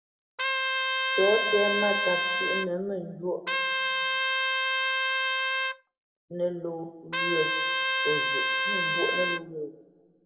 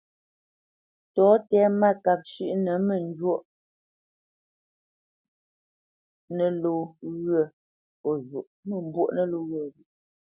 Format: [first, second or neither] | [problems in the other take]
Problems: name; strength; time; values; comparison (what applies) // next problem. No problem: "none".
second | background sound (Trumpet); 4 dB above the speech // room echo; dies away in 1.5 s